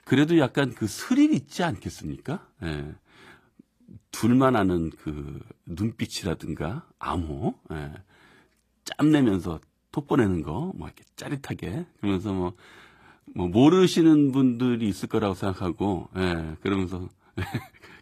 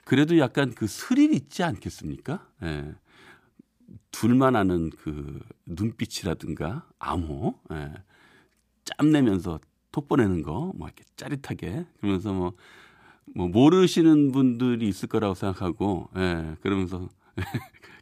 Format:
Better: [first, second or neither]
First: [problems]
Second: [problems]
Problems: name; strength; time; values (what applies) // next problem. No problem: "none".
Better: second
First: garbled, watery; slightly; nothing above 15 kHz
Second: none